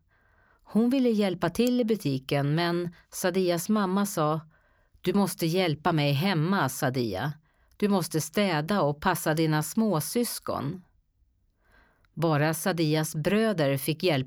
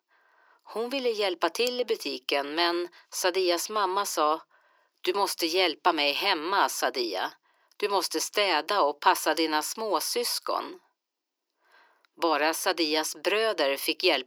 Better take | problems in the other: first | thin; very; fading below 350 Hz

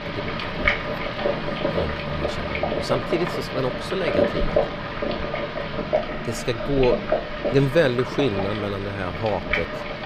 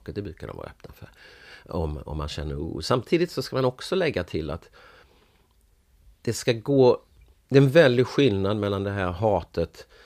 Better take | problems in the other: second | household noises; loud; throughout; as loud as the speech

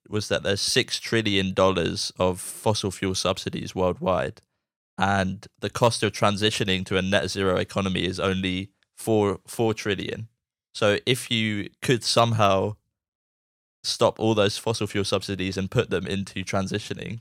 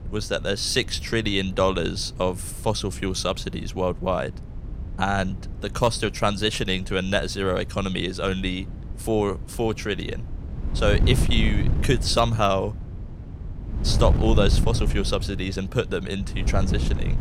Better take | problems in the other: first | wind noise on the microphone; occasional gusts; 15 dB below the speech

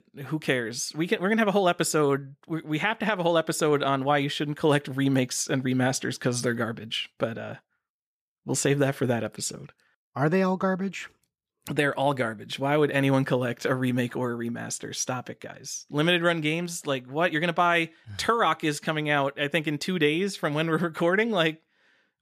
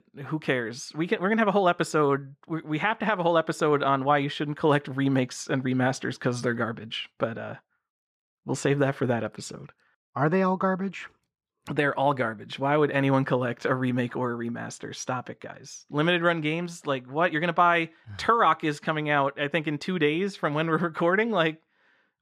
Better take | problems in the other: first | muffled; slightly; fading above 3 kHz

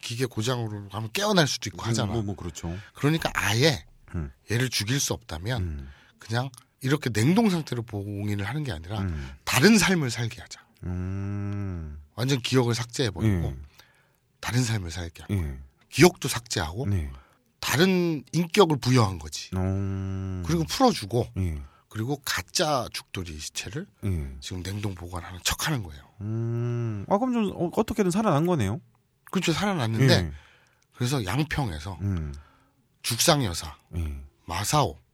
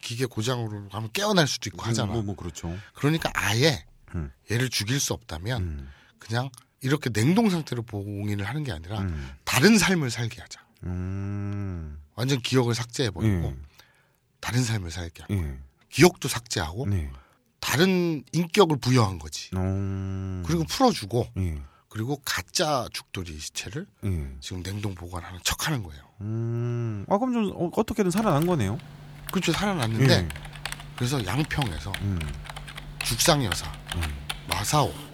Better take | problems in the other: first | keyboard typing; noticeable; from 28 s on; peak 5 dB below the speech

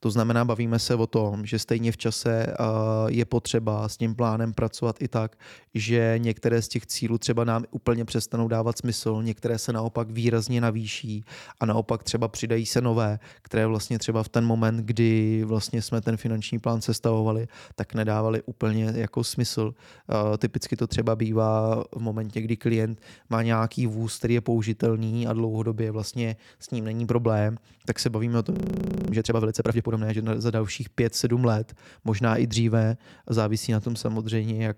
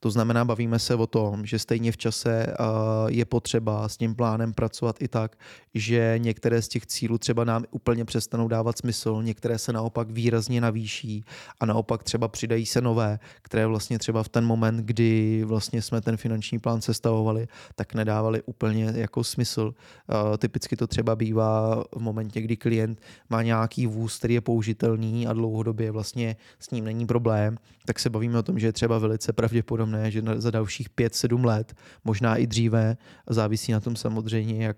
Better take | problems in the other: second | audio freezing; at 29 s for 0.5 s

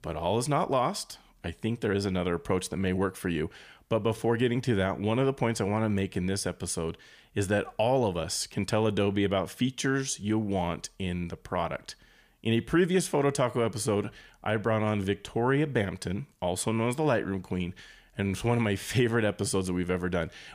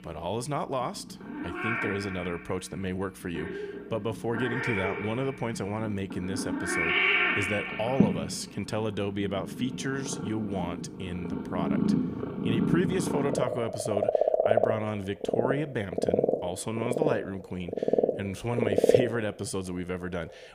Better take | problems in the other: first | animal sounds; very loud; throughout; 4 dB above the speech

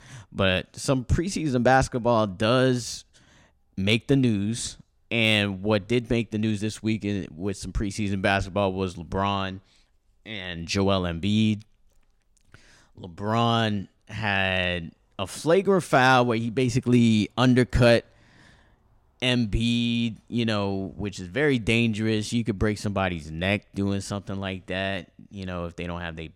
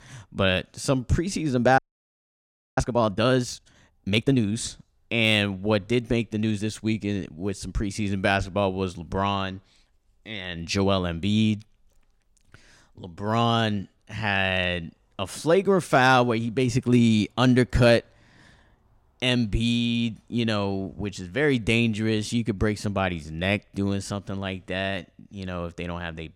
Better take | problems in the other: first | audio freezing; at 2 s for 1 s

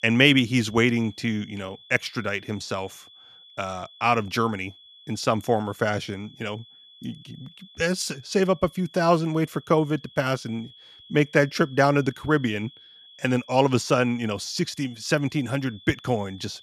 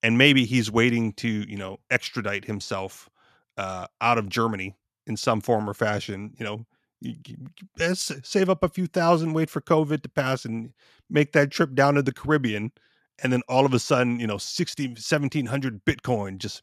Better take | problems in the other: second | high-pitched whine; faint; throughout; 3.5 kHz, 25 dB below the speech

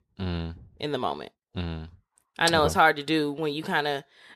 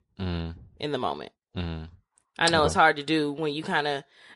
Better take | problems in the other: first | garbled, watery; slightly; nothing above 11 kHz

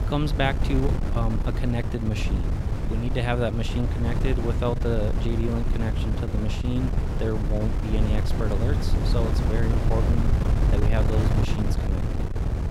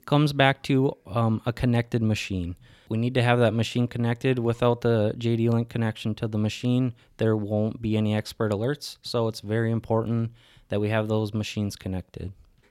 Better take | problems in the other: second | wind noise on the microphone; heavy; 4 dB below the speech

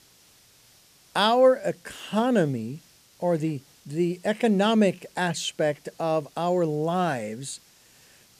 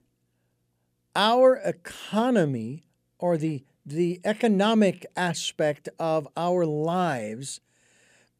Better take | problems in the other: second | hiss; faint; throughout; 30 dB below the speech

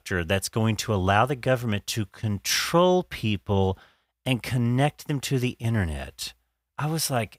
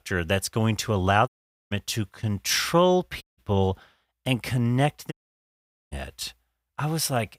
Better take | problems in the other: first | audio cutting out; at 1.5 s, at 3 s and at 5 s for 1 s

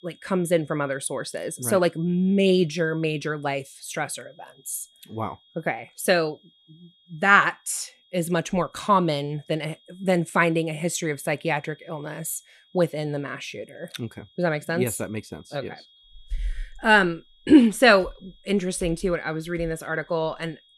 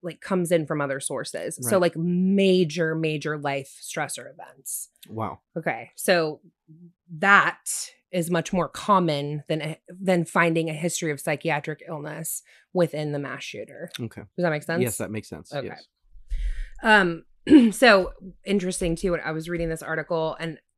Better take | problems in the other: second | high-pitched whine; faint; throughout; 3.5 kHz, 30 dB below the speech

